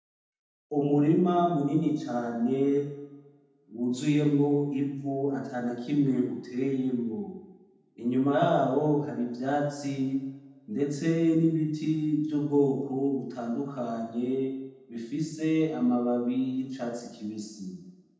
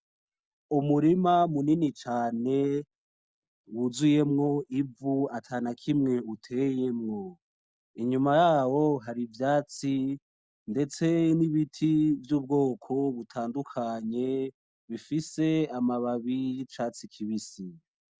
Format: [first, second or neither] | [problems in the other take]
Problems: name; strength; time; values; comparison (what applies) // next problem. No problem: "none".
second | room echo; dies away in 0.9 s